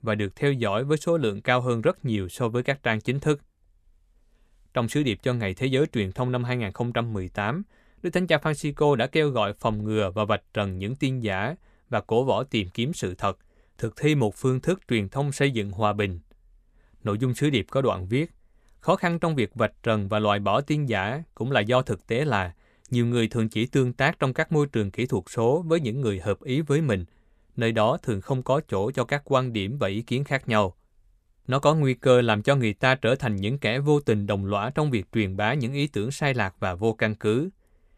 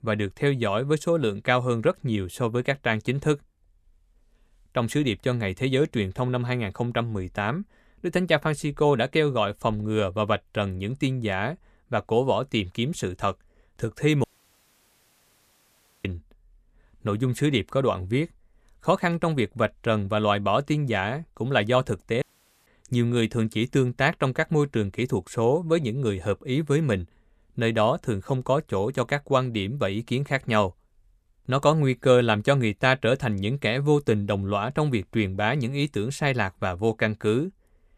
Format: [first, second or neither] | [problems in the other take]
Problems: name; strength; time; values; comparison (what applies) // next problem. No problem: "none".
first | audio cutting out; at 14 s for 2 s and at 22 s